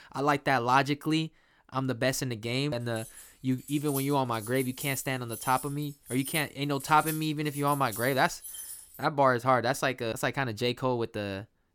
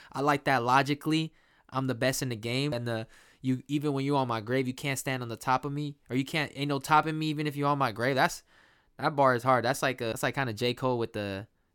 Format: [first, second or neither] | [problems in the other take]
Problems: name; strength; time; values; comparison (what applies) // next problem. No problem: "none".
second | jangling keys; noticeable; from 3 to 9 s; peak 8 dB below the speech